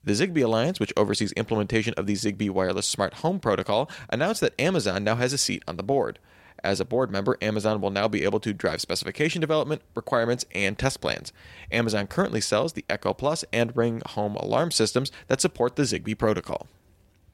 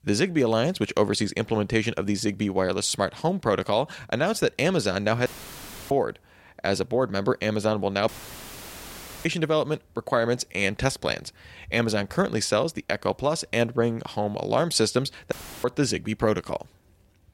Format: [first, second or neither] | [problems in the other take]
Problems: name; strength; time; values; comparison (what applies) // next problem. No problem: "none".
first | audio cutting out; filled with static; at 5.5 s for 0.5 s, at 8 s for 1 s and at 15 s